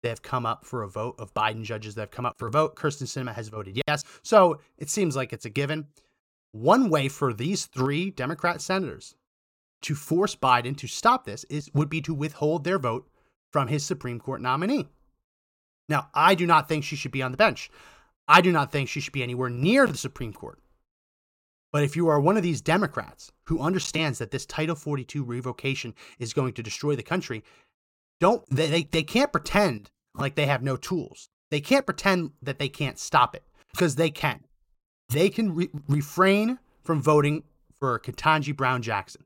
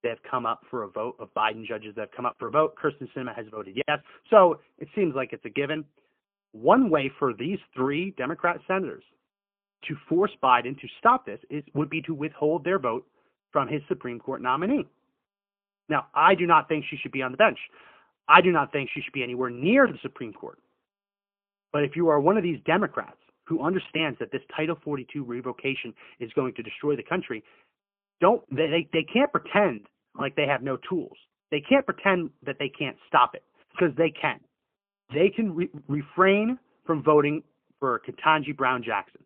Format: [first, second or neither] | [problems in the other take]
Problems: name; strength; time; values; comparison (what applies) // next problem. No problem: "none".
first | phone-call audio; poor line